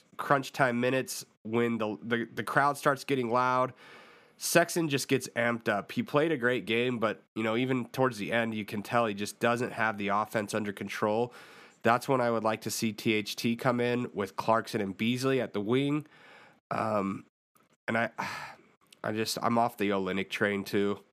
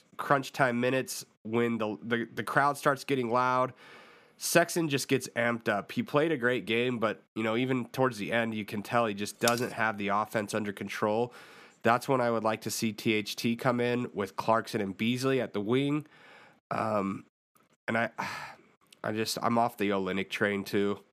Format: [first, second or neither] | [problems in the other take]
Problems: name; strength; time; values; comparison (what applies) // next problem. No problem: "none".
first | clattering dishes; noticeable; at 9.5 s; peak 5 dB below the speech